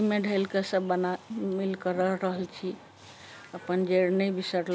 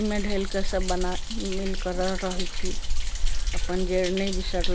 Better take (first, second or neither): first